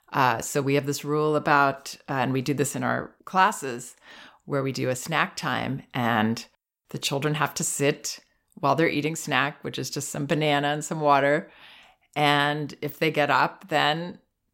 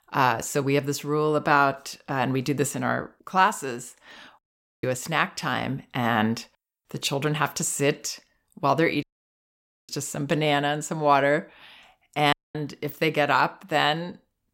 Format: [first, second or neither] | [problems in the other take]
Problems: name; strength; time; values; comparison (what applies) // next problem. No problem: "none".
first | audio cutting out; at 4.5 s, at 9 s for 1 s and at 12 s